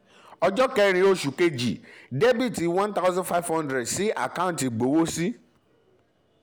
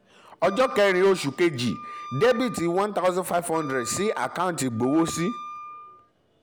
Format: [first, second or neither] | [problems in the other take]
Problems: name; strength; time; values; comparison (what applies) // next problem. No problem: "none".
first | background sound (Wind instrument, woodwind instrument); 15 dB below the speech